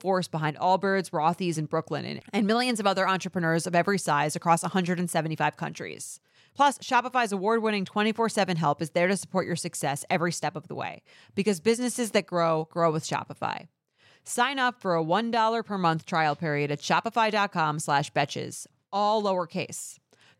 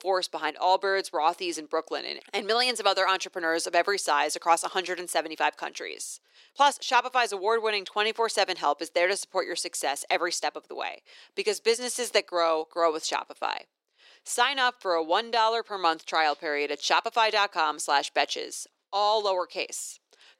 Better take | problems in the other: first | thin; very; fading below 350 Hz

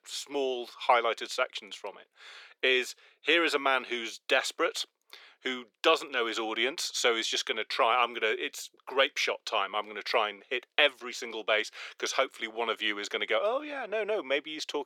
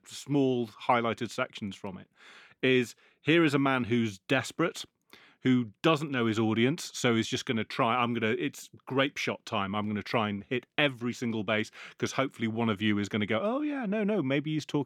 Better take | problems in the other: second | thin; very; fading below 450 Hz

